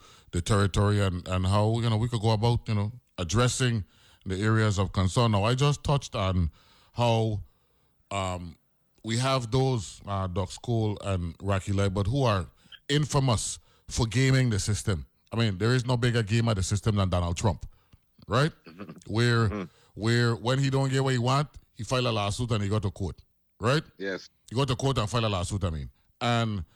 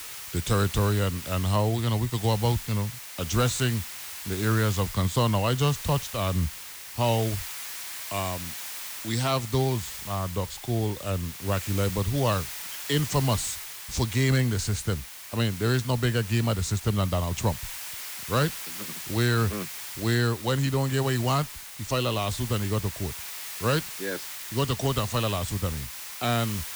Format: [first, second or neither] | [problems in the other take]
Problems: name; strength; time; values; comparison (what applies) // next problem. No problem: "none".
first | hiss; loud; throughout; 9 dB below the speech